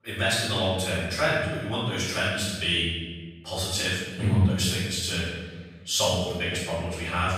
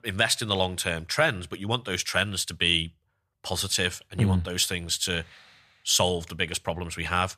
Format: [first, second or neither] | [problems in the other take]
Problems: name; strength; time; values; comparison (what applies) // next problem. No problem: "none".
second | off-mic speech; far // room echo; strong; dies away in 1.3 s